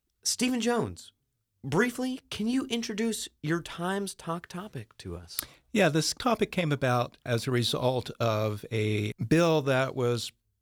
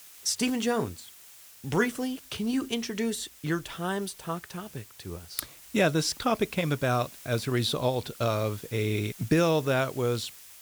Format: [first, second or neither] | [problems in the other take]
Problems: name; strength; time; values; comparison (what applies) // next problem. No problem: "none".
first | hiss; noticeable; throughout; 15 dB below the speech